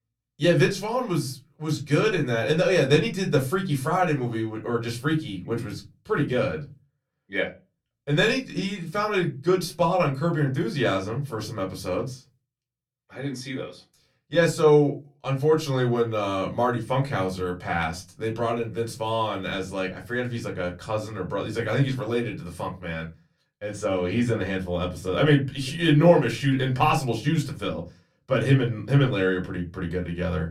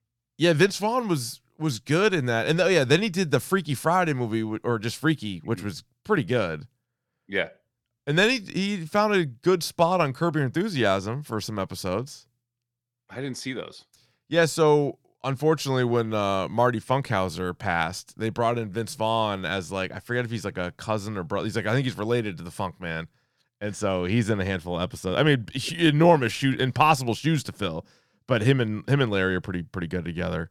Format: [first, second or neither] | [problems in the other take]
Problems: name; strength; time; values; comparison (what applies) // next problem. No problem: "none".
second | off-mic speech; somewhat distant // room echo; very slight; dies away in 0.2 s